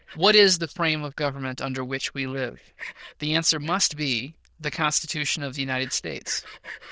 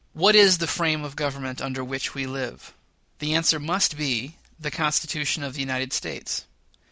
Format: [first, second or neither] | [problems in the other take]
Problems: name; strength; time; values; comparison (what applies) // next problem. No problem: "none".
second | noise reduction (neural diffusion model UNIVERSE++)